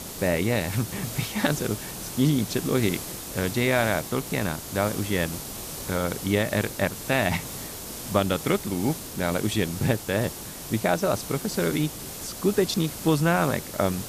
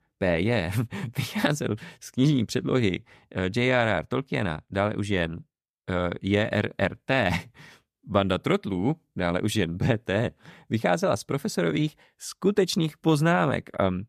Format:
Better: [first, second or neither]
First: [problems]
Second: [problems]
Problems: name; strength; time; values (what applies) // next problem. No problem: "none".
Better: second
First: hiss; loud; throughout; 8 dB below the speech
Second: none